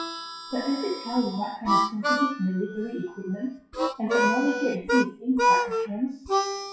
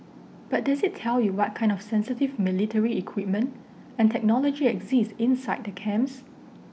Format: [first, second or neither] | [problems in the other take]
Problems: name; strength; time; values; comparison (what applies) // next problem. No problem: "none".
second | noise reduction (classical method WPE with log-MMSE)